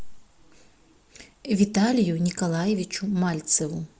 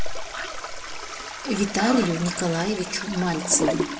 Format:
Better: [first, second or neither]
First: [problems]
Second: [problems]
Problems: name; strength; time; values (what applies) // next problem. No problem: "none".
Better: first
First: none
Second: background sound (Toilet flush); 6 dB below the speech // room echo; dies away in 0.8 s